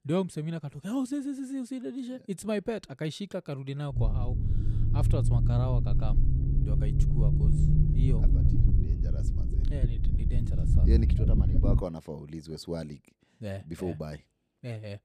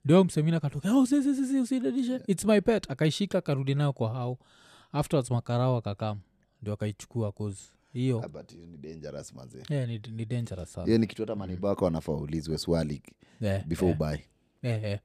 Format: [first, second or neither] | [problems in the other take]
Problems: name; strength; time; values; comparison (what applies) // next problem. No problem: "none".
second | low rumble; loud; from 4 to 12 s; 2 dB below the speech